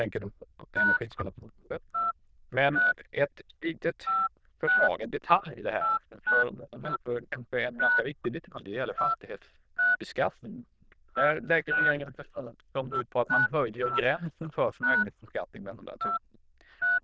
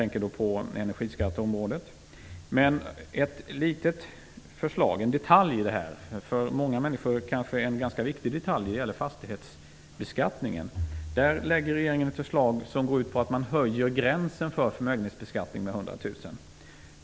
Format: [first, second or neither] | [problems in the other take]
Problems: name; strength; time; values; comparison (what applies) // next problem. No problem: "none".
second | noise reduction (neural diffusion model UNIVERSE++)